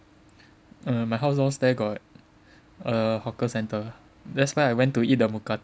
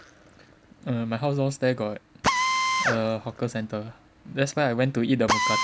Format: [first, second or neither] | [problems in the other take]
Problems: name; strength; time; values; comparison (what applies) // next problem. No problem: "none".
first | background sound (Drill); 2 dB below the speech